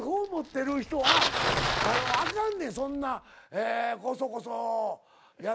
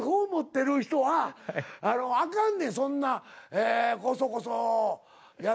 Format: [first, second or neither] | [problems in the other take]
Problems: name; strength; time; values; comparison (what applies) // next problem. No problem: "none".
second | background sound (Bicycle); 1 dB below the speech